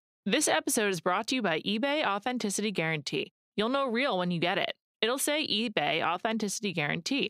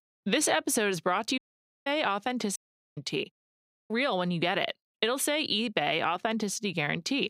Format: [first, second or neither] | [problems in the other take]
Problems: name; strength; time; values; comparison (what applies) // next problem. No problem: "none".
first | audio cutting out; at 1.5 s, at 2.5 s and at 3.5 s